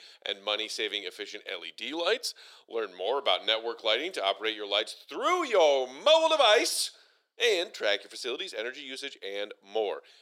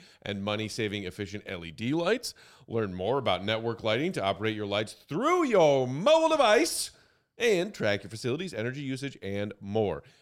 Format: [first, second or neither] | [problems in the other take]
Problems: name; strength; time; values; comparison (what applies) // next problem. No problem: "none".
second | thin; very; fading below 400 Hz